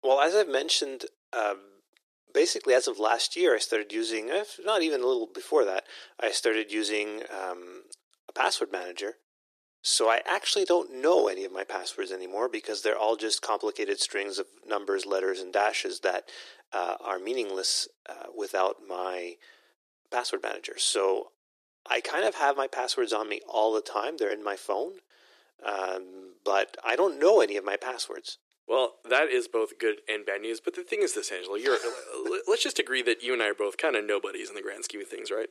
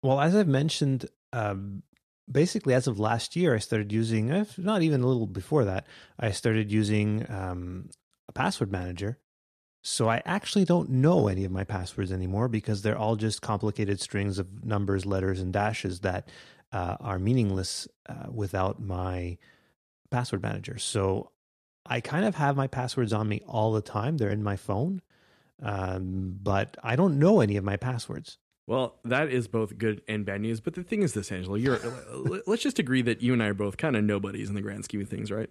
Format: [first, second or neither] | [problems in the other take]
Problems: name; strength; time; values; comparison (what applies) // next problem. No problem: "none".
second | thin; very; fading below 350 Hz